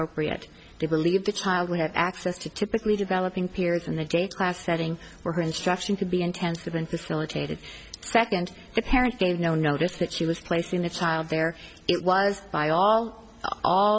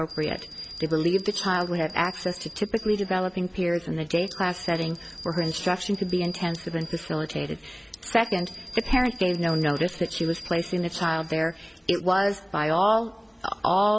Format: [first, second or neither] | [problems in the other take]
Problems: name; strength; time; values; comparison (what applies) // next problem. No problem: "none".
first | background sound (Bell); 15 dB below the speech